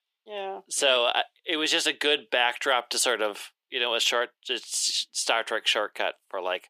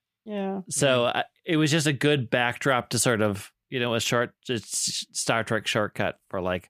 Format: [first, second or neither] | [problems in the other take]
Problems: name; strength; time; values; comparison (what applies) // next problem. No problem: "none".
second | thin; very; fading below 350 Hz